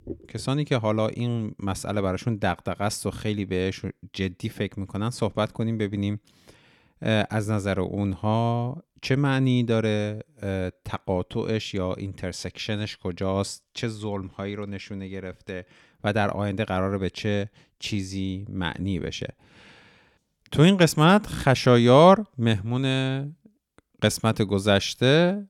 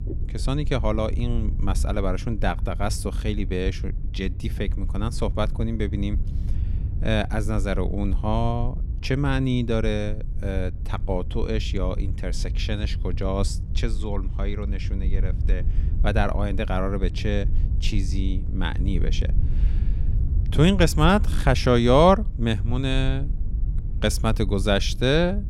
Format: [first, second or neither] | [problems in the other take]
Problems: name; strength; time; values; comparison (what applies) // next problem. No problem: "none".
first | wind noise on the microphone; occasional gusts; 20 dB below the speech